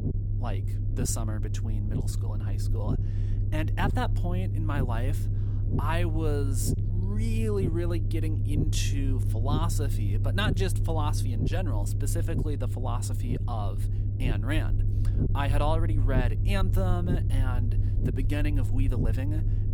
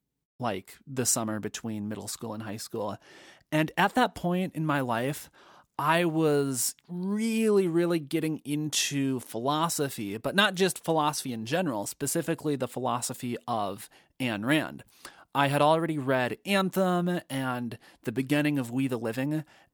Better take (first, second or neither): second